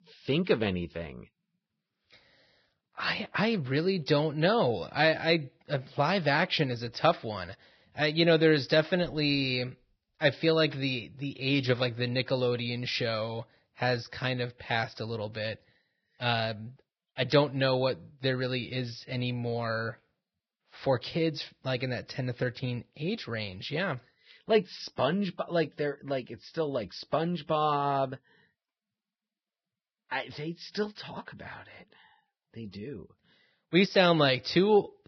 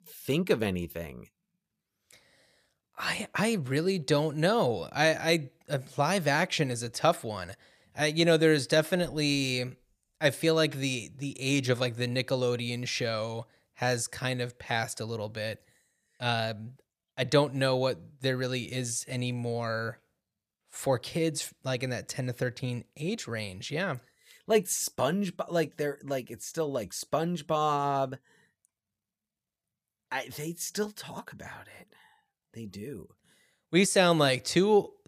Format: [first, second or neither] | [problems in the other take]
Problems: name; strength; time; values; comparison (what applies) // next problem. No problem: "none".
second | garbled, watery; badly; nothing above 5.5 kHz